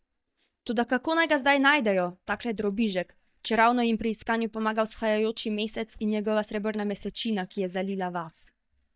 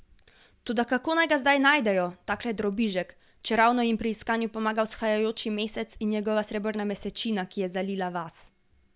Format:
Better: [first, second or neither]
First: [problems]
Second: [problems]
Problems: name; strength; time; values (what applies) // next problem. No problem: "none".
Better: second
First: noise reduction (neural mask model DeepFilterNet 3)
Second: none